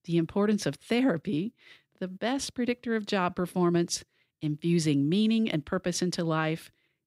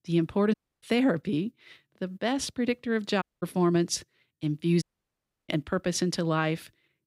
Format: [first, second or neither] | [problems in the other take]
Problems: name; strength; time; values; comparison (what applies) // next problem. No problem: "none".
first | audio cutting out; at 0.5 s, at 3 s and at 5 s for 0.5 s